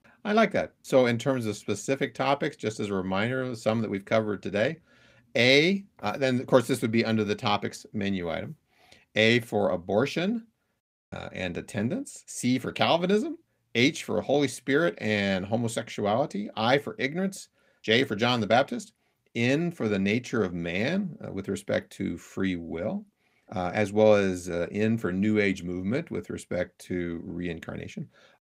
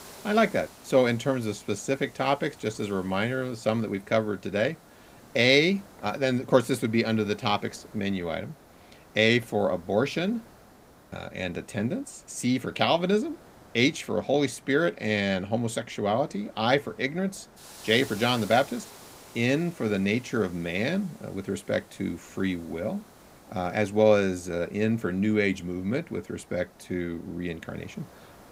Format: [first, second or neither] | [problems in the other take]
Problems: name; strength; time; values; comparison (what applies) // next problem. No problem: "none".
first | hiss; faint; throughout; 25 dB below the speech